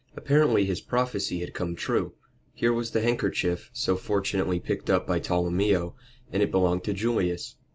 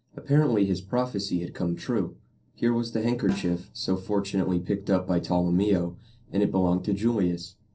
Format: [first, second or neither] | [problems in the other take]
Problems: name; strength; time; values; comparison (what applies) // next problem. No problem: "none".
first | noise reduction (neural separator model SepFormer DNS4)